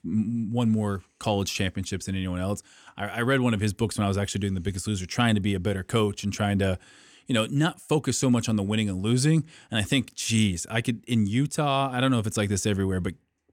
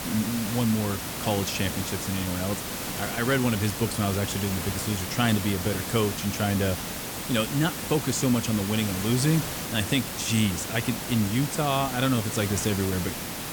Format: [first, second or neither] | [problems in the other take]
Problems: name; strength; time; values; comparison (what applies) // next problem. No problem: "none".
first | hiss; loud; throughout; 4 dB below the speech